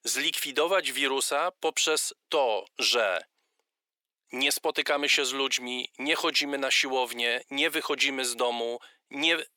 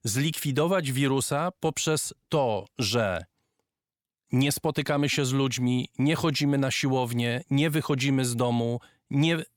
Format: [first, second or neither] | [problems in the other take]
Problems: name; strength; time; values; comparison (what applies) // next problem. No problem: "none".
second | thin; very; fading below 350 Hz